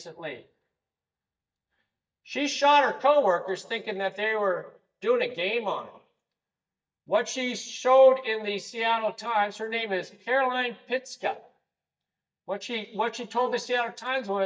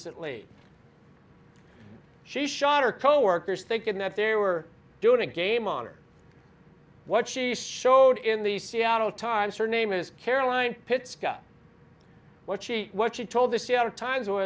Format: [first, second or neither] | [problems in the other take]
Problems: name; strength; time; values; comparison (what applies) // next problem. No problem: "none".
second | noise reduction (neural mask model DeepFilterNet 3)